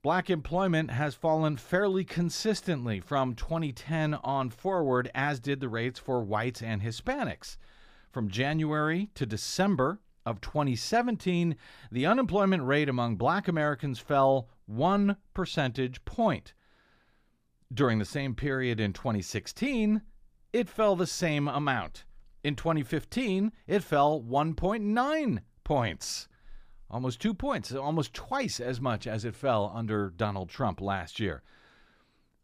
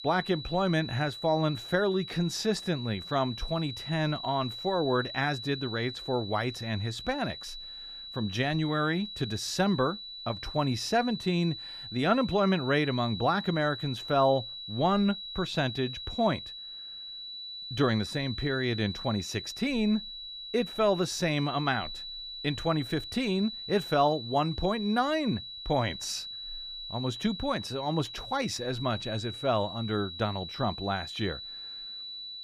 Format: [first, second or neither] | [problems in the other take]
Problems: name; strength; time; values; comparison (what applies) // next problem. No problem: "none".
first | high-pitched whine; loud; throughout; 4 kHz, 9 dB below the speech